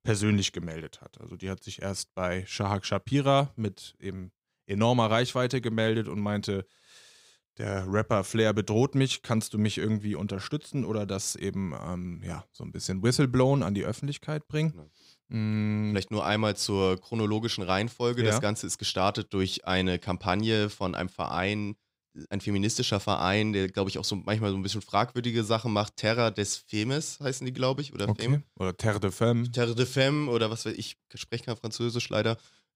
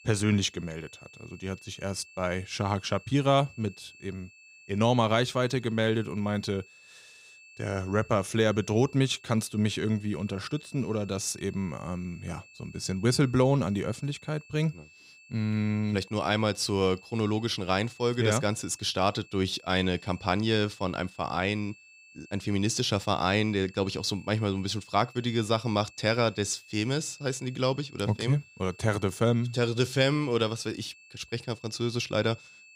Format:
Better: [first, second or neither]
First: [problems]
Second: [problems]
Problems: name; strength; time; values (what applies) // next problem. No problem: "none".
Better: first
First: none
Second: high-pitched whine; faint; throughout; 2.5 kHz, 25 dB below the speech